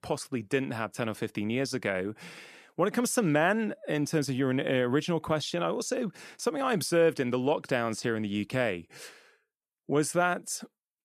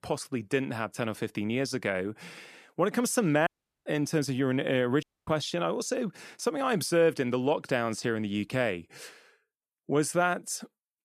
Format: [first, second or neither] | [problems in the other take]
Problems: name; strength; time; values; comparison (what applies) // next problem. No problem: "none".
first | audio cutting out; at 3.5 s and at 5 s